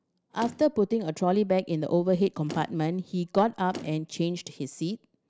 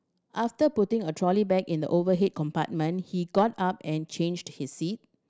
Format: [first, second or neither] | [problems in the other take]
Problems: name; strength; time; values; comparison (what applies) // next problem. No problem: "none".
second | background sound (Motor vehicle (road)); 18 dB below the speech